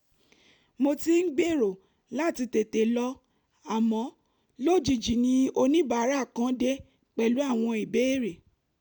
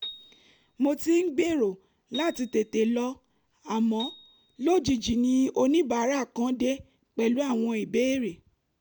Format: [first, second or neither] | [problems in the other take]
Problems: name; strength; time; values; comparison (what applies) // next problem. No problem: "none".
first | background sound (Piano); 18 dB below the speech